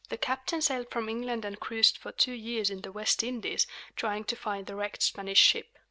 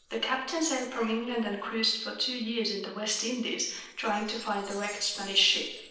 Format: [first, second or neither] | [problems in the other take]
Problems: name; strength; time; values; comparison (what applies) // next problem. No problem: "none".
first | noise reduction (neural separator model SepFormer DNS4)